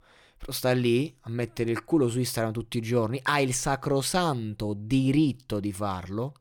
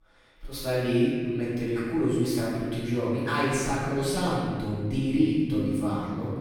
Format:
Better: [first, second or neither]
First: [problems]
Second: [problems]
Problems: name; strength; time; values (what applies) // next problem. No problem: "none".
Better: first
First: none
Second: room echo; strong; dies away in 2.1 s // off-mic speech; far